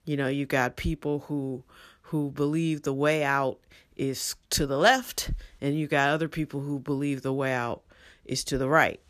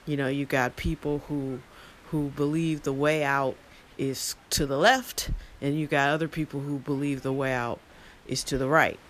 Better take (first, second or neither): first